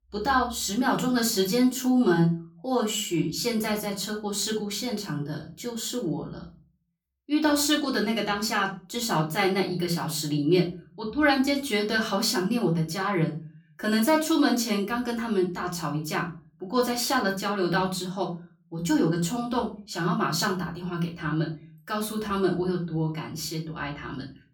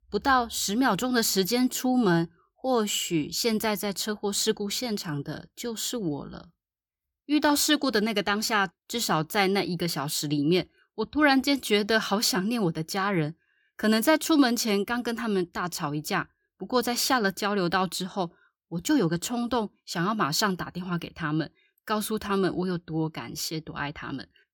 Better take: second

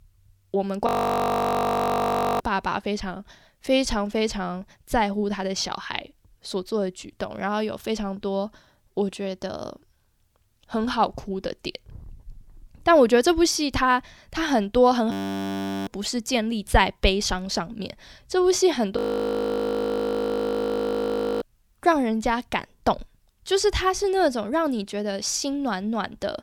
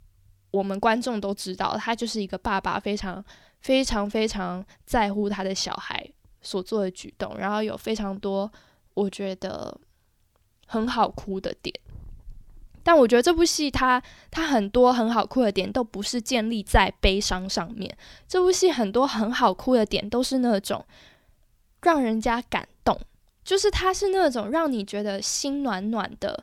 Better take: second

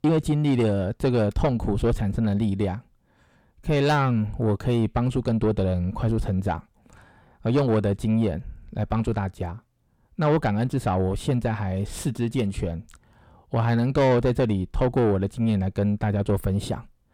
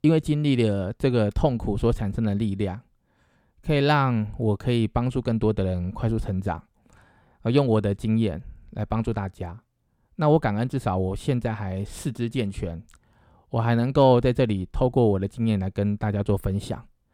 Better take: second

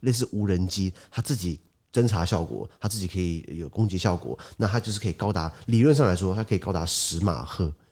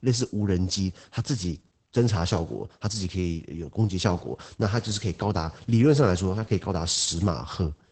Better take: first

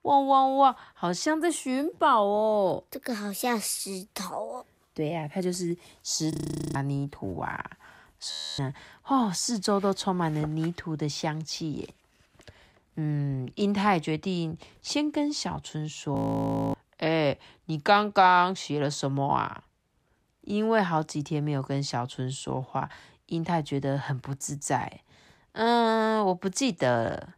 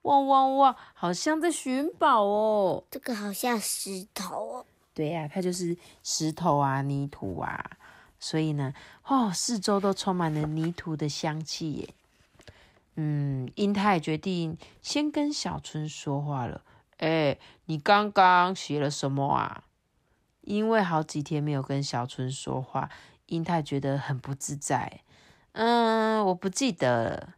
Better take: second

